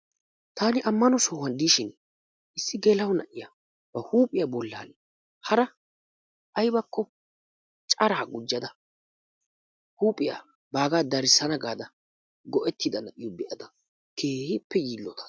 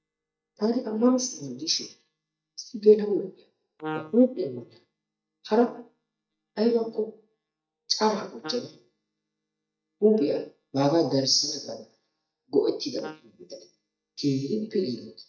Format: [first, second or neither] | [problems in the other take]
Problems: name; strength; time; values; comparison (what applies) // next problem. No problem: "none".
first | noise reduction (neural mask model DeepFilterNet 3)